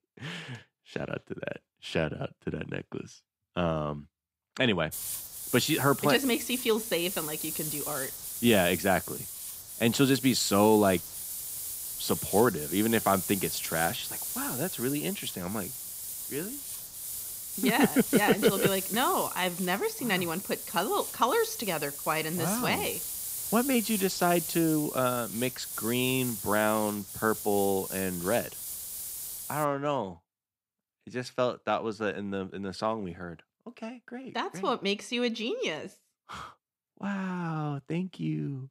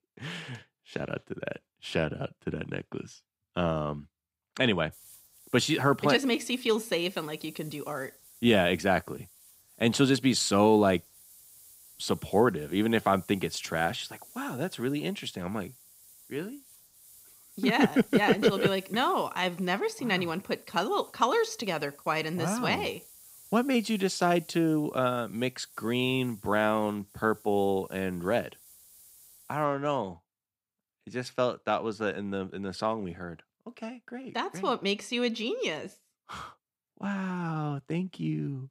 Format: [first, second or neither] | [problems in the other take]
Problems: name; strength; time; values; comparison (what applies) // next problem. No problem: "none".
second | hiss; loud; from 5 to 30 s; 5 dB below the speech; faint in the second